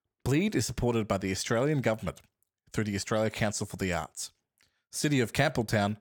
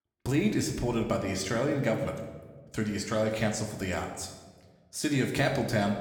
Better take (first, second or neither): first